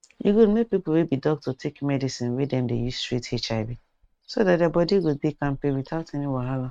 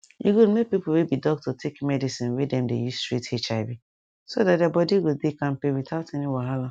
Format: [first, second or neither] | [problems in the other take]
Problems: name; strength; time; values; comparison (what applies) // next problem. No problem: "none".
second | noise reduction (neural mask model RNNoise)